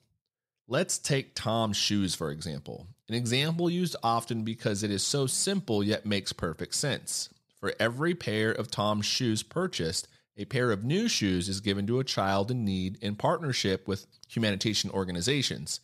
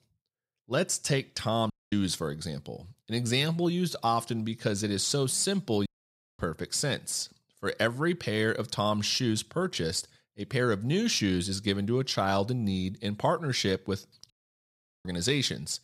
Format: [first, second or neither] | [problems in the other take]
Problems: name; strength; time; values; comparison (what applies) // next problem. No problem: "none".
first | audio cutting out; at 1.5 s, at 6 s for 0.5 s and at 14 s for 1 s